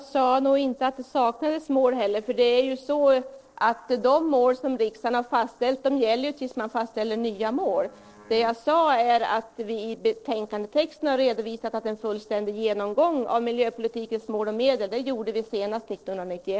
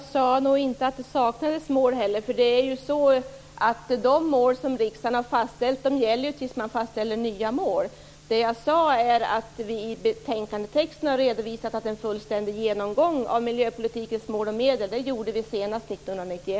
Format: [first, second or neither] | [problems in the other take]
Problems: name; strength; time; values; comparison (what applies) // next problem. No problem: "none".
second | noise reduction (neural separator model SepFormer DNS4)